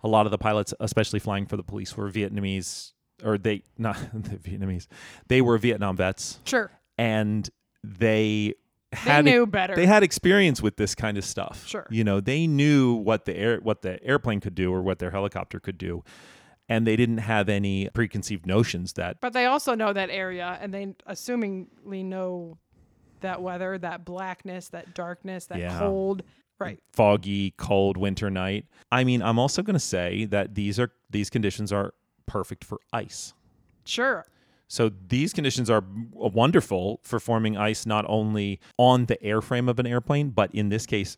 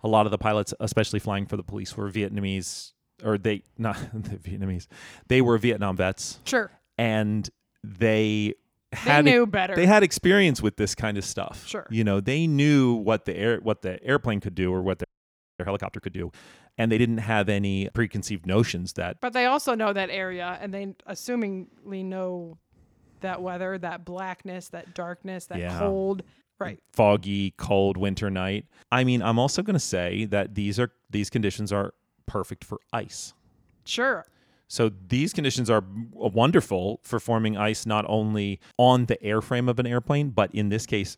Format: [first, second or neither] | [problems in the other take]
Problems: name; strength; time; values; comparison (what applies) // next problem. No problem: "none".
first | audio freezing; at 15 s for 0.5 s